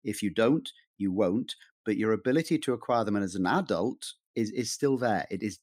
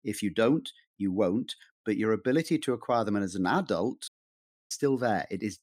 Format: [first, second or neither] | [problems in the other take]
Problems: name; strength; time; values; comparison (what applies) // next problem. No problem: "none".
first | audio cutting out; at 4 s for 0.5 s